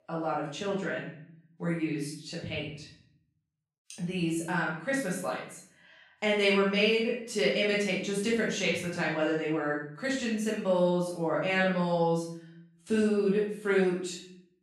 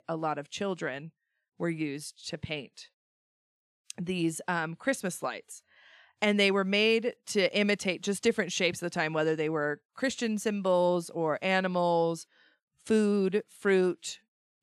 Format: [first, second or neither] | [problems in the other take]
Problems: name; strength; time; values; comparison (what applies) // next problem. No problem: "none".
second | room echo; noticeable; dies away in 0.6 s // off-mic speech; far